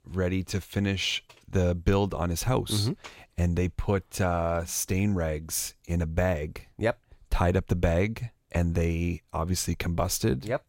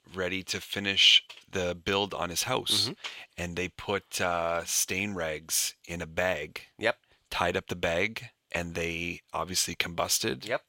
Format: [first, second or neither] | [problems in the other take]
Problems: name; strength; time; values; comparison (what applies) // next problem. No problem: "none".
first | thin; somewhat; fading below 550 Hz